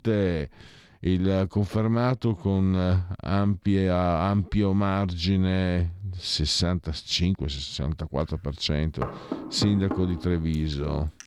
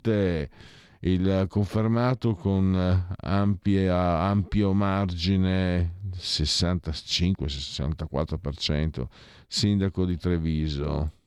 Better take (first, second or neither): second